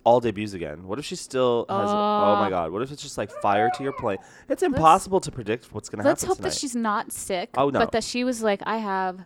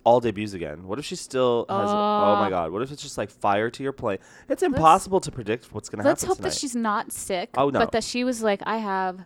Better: second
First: dog barking; noticeable; at 3.5 s; peak 2 dB below the speech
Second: none

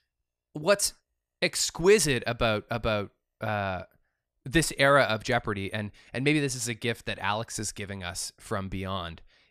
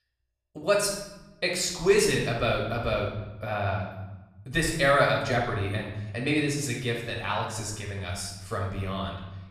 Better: first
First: none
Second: off-mic speech; far // room echo; noticeable; dies away in 1 s

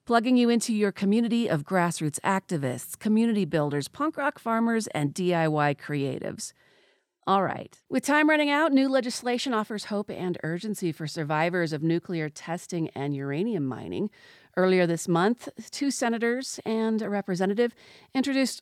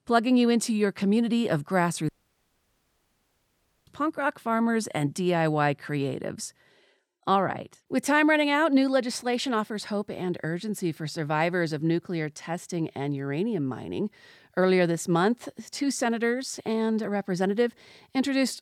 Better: first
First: none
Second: audio cutting out; at 2 s for 2 s

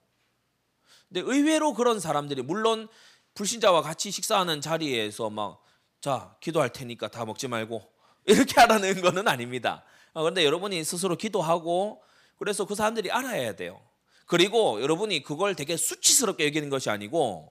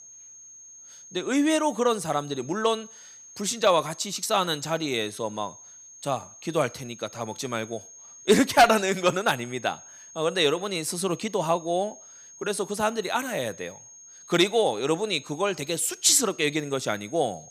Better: first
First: none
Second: high-pitched whine; noticeable; throughout; 6.5 kHz, 20 dB below the speech

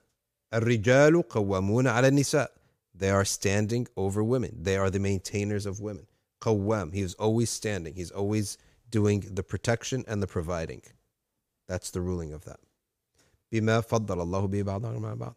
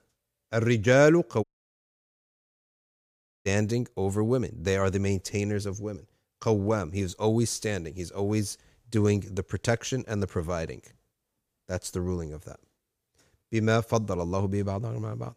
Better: first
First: none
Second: audio cutting out; at 1.5 s for 2 s

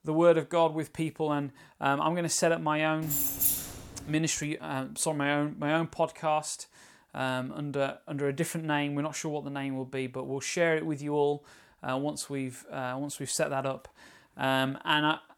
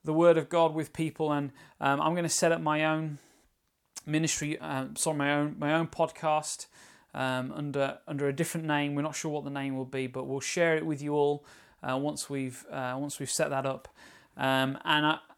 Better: second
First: jangling keys; loud; at 3 s; peak 5 dB above the speech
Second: none

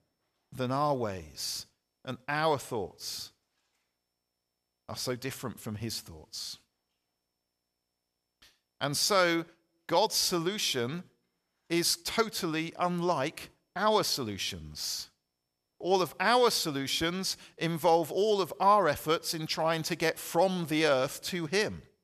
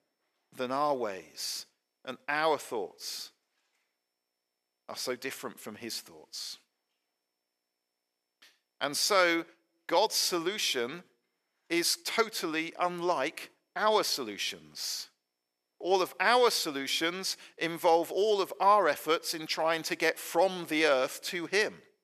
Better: first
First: none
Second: thin; somewhat; fading below 350 Hz

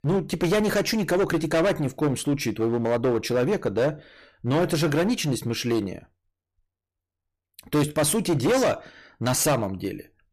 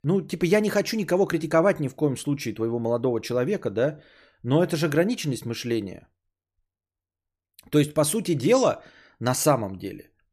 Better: second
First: distortion; heavy; 13% of the sound clipped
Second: none

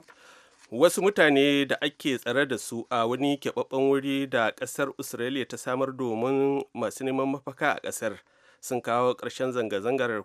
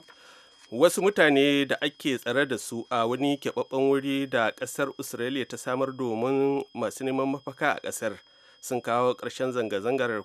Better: first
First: none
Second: high-pitched whine; faint; throughout; 3 kHz, 30 dB below the speech

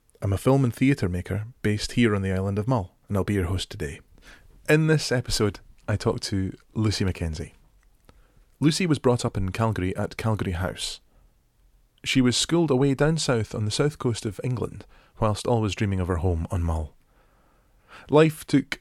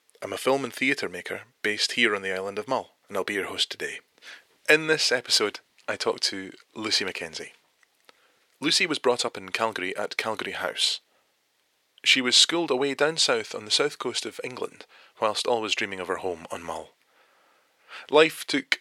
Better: first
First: none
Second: thin; very; fading below 450 Hz

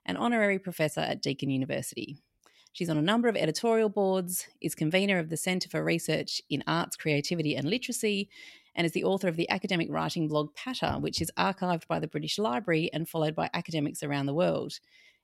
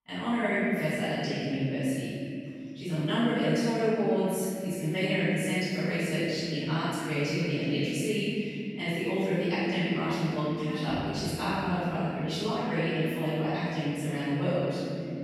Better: first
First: none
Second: off-mic speech; far // room echo; strong; dies away in 2.9 s

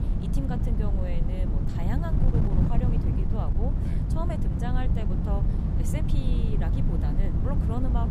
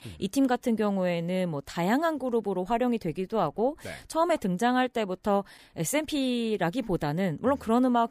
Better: second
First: wind noise on the microphone; heavy; 1 dB above the speech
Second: none

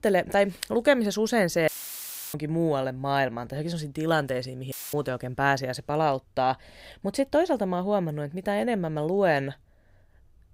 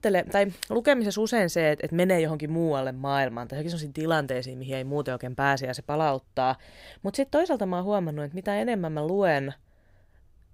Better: second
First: audio cutting out; filled with static; at 1.5 s for 0.5 s and at 4.5 s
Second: none

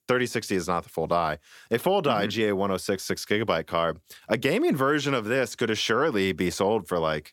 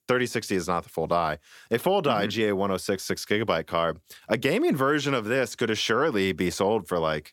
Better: neither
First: none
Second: none

